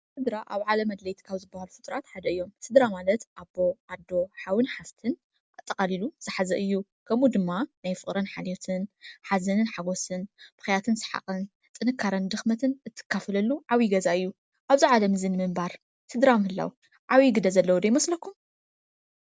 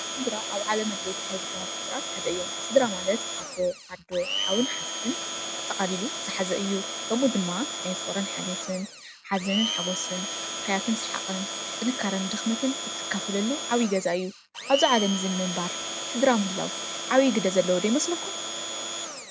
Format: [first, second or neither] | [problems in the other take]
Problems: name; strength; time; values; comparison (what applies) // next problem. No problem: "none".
first | background sound (Domestic sounds, home sounds); 4 dB below the speech